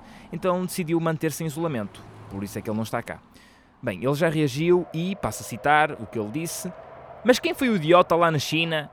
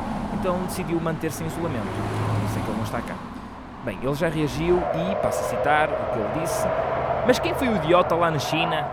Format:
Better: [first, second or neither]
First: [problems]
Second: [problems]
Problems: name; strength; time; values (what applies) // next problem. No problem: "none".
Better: first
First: traffic noise; faint; throughout; 25 dB below the speech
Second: traffic noise; loud; throughout; 2 dB below the speech